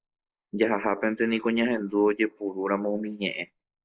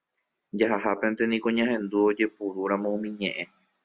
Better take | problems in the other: second | noise reduction (neural mask model Resemble Enhance denoiser)

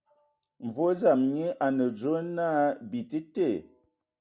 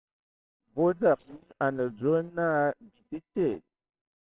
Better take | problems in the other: first | noise reduction (neural separator model SepFormer WHAMR!)

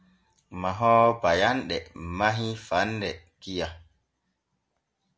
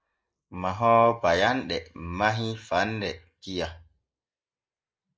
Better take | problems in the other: first | noise reduction (neural mask model Resemble Enhance denoiser)

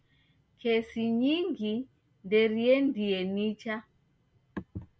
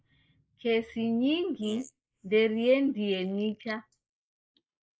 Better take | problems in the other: first | noise reduction (neural mask model Resemble Enhance denoiser)

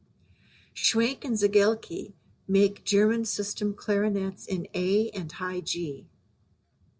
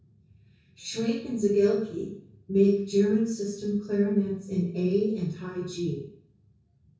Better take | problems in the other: first | room echo; dies away in 0.6 s

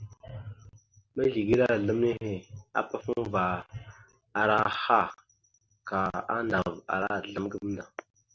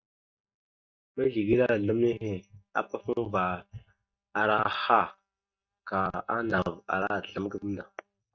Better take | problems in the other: first | noise reduction (neural mask model DeepFilterNet 3)

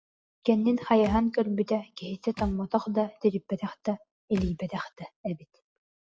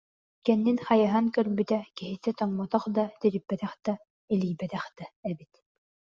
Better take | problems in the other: second | noise reduction (classical method log-MMSE)

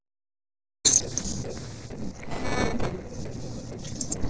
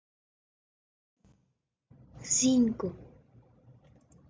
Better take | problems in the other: second | noise reduction (neural separator model SepFormer DNS4)

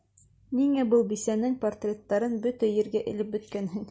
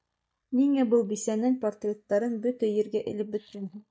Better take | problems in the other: first | noise reduction (neural mask model DeepFilterNet 3)

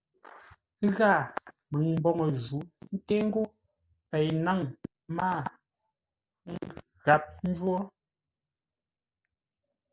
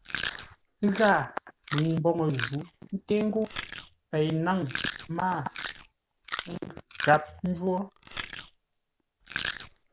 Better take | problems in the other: first | background sound (Chewing, mastication); 10 dB below the speech

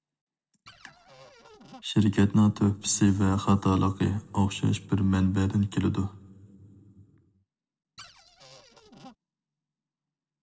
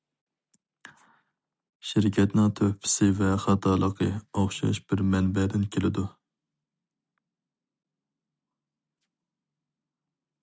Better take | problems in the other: second | noise reduction (neural separator model SepFormer DNS4)

